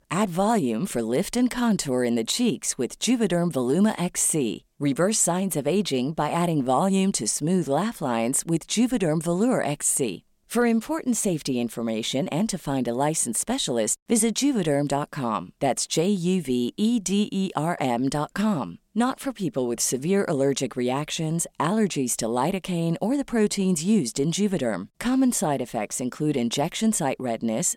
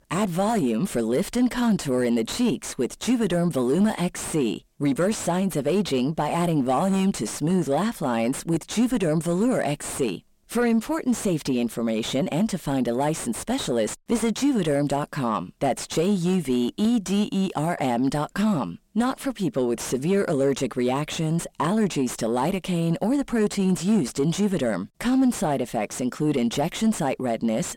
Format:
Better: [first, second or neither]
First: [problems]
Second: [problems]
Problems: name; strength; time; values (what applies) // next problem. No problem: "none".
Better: first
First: none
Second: distortion; slight; 9 dB below the speech